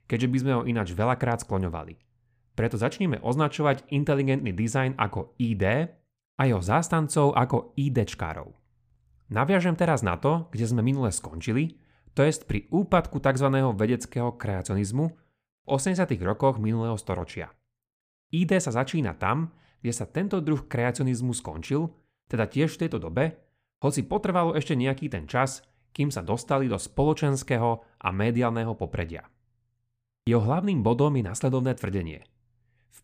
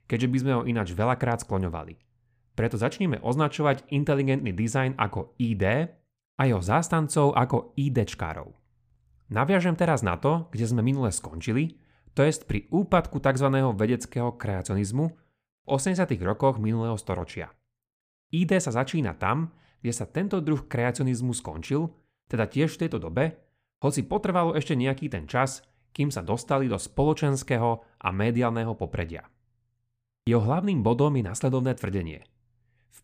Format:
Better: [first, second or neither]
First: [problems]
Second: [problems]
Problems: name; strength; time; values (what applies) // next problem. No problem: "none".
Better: neither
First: none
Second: none